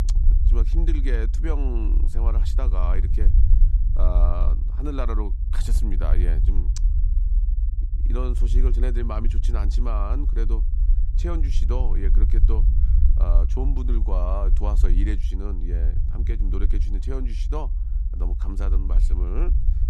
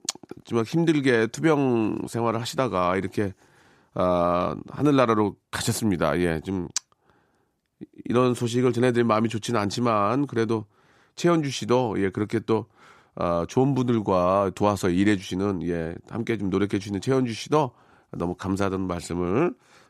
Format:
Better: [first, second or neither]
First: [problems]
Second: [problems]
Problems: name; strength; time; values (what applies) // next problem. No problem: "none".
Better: second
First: low rumble; loud; throughout; 9 dB below the speech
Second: none